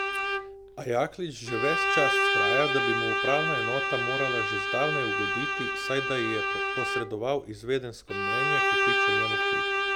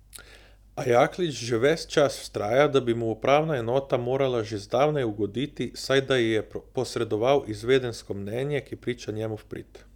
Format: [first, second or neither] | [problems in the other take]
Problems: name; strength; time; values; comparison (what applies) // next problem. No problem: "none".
second | background sound (Bowed string instrument); 4 dB above the speech